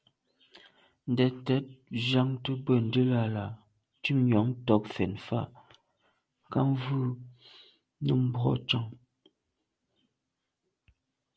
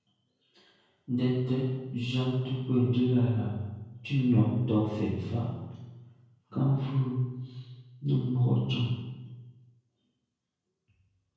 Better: first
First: none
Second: room echo; dies away in 1 s

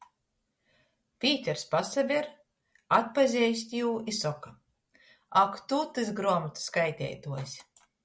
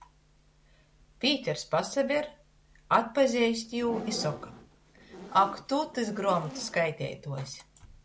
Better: first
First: none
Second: background sound (Zipper (clothing)); 16 dB below the speech

